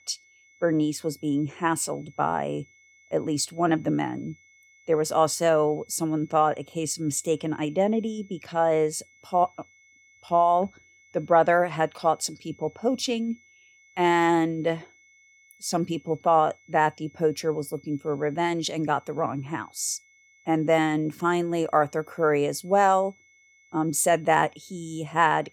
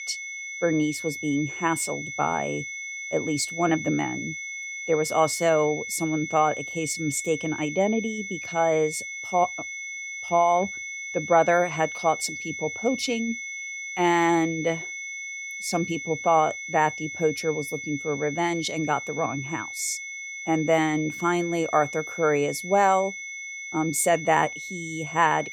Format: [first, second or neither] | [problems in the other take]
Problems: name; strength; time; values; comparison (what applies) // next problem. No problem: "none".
first | high-pitched whine; loud; throughout; 2 kHz, 8 dB below the speech; faint in the first